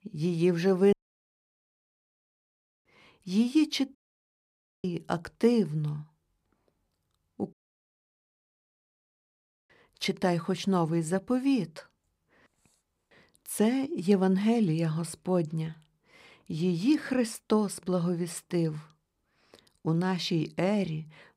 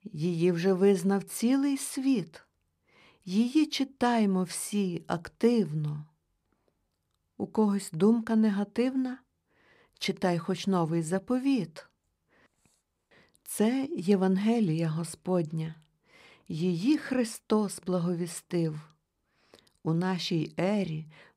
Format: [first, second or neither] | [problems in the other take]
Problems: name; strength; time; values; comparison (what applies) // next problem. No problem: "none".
second | audio cutting out; at 1 s for 2 s, at 4 s for 1 s and at 7.5 s for 2 s